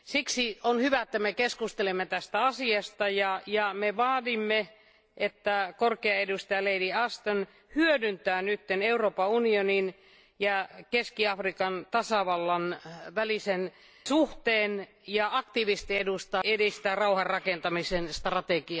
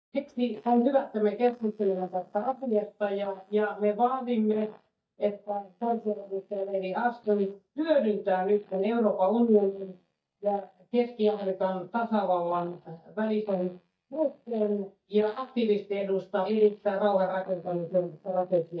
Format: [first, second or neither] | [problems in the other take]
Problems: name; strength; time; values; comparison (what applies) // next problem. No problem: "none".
first | noise reduction (neural mask model DeepFilterNet 3)